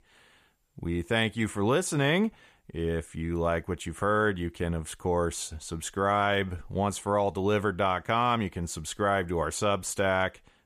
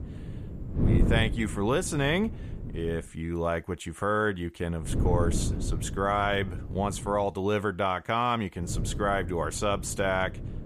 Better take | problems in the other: first | wind noise on the microphone; occasional gusts; until 3 s, from 5 to 7 s and from 8.5 s on; 15 dB below the speech

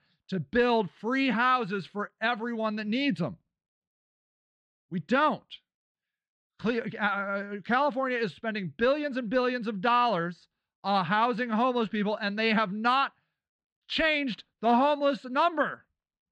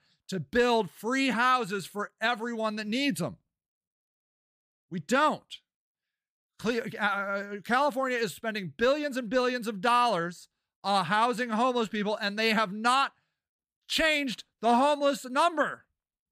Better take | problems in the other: second | muffled; very slightly; fading above 4 kHz

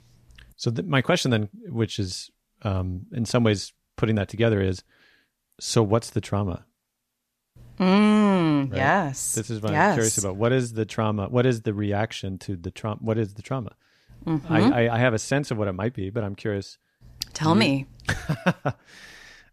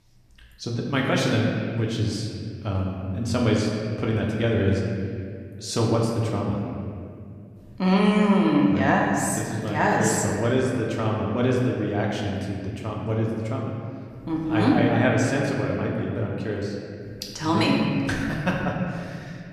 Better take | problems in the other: first | room echo; noticeable; dies away in 2.2 s // off-mic speech; somewhat distant

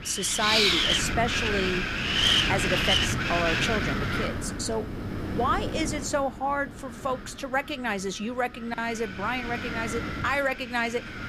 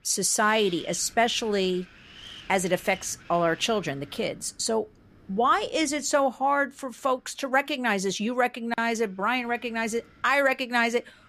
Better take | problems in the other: second | wind noise on the microphone; heavy; 4 dB above the speech; occasional gusts in the second

